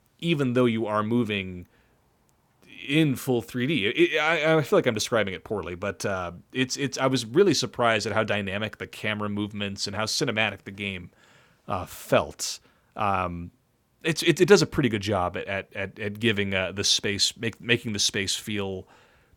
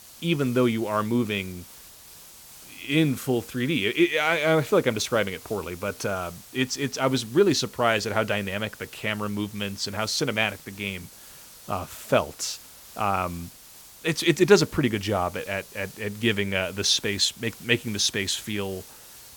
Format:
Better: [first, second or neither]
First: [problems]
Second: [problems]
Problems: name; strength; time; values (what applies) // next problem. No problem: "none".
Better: first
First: none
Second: hiss; noticeable; throughout; 20 dB below the speech